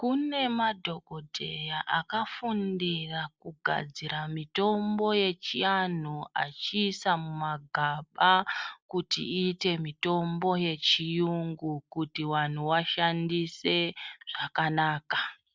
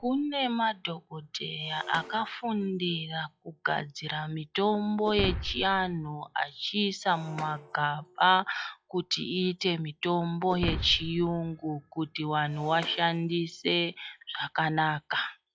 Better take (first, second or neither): first